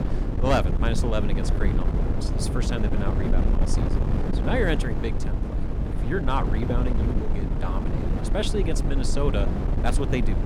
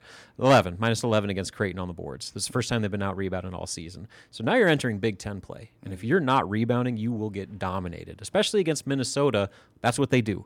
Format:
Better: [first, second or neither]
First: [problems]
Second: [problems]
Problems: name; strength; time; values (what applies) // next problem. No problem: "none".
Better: second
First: wind noise on the microphone; heavy; 4 dB below the speech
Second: none